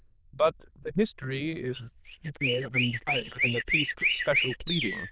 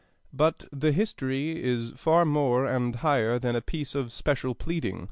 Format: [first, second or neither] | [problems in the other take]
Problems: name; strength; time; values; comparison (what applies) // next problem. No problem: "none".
second | noise reduction (neural diffusion model UNIVERSE++)